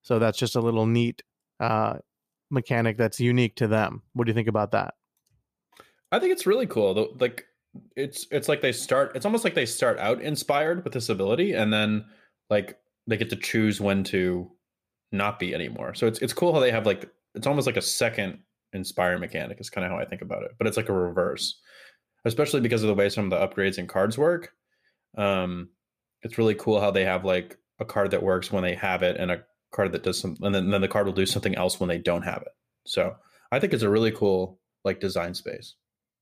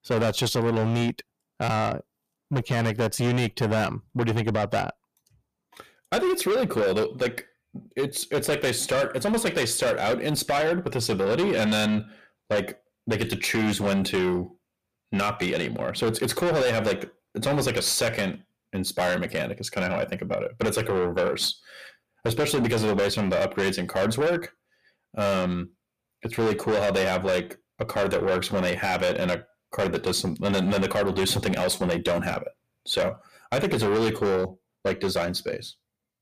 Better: first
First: none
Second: distortion; heavy; 6 dB below the speech

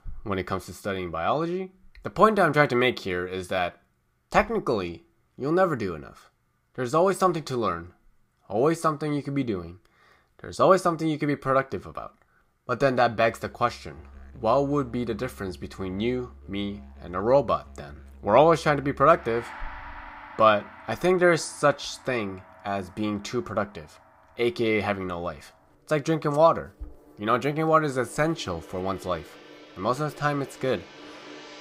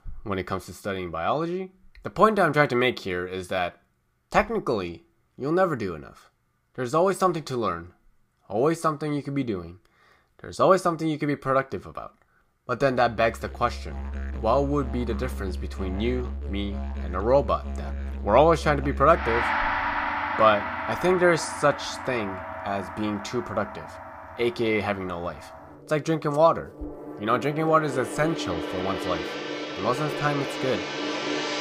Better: first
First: background music; faint; from 13 s on; 20 dB below the speech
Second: background music; loud; from 13 s on; 6 dB below the speech

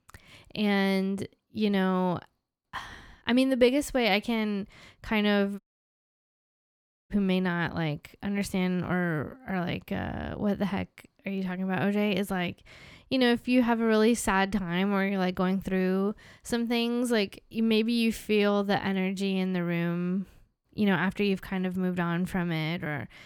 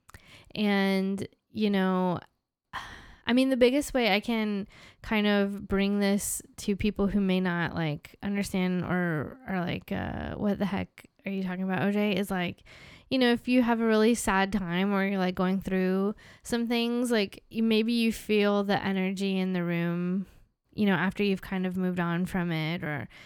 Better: second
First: audio cutting out; at 5.5 s for 1.5 s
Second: none

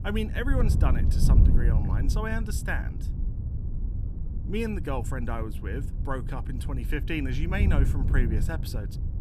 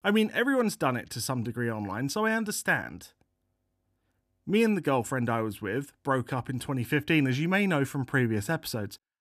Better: second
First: wind noise on the microphone; heavy; 8 dB below the speech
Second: none

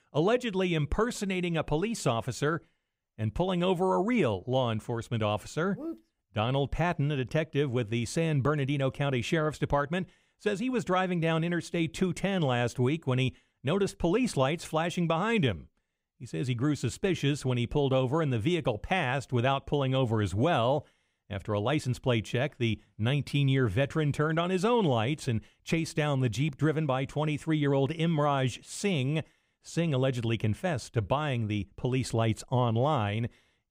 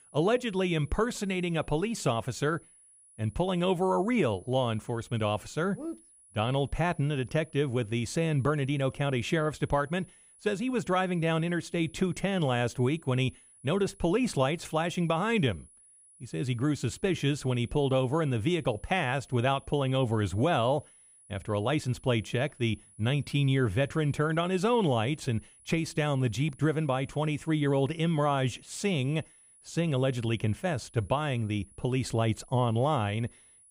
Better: first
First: none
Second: high-pitched whine; faint; throughout; 10 kHz, 25 dB below the speech

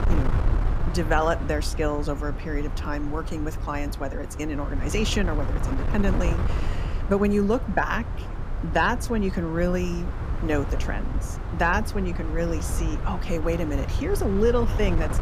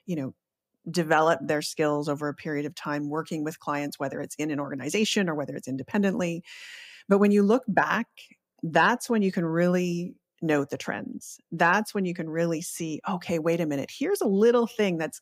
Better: second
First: wind noise on the microphone; occasional gusts; 10 dB below the speech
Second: none

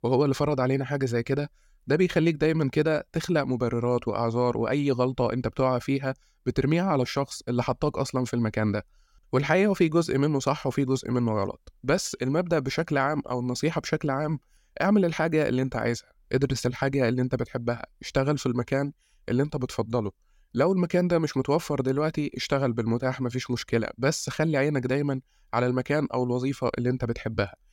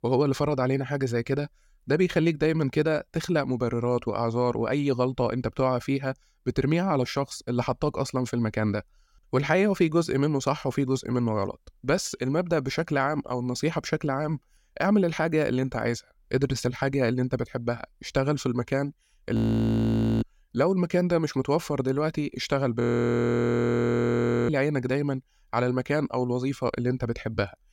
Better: first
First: none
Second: audio freezing; at 19 s for 1 s and at 23 s for 1.5 s

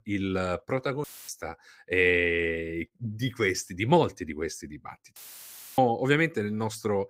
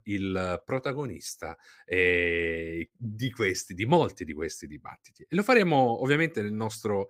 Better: second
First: audio cutting out; filled with static; at 1 s and at 5 s for 0.5 s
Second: none

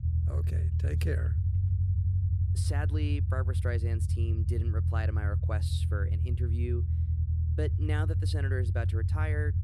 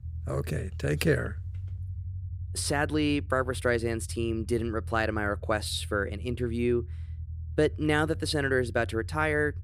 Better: second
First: low rumble; loud; throughout; 4 dB below the speech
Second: low rumble; faint; throughout; 25 dB below the speech

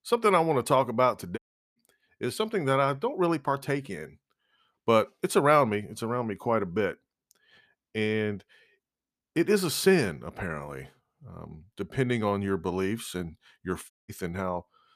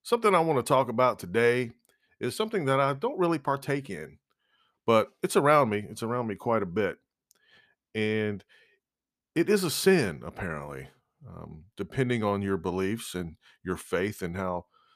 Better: second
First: audio cutting out; at 1.5 s and at 14 s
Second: none

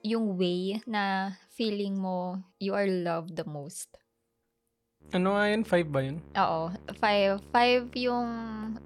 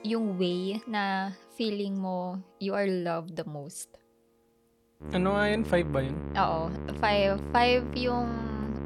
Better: first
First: background music; faint; throughout; 25 dB below the speech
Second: background music; loud; throughout; 8 dB below the speech

